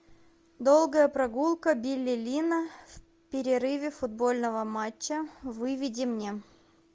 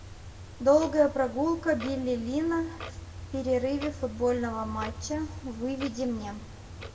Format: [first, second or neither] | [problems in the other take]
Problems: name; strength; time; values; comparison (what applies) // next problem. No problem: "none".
first | background sound (Clock); 12 dB below the speech // room echo; dies away in 1.2 s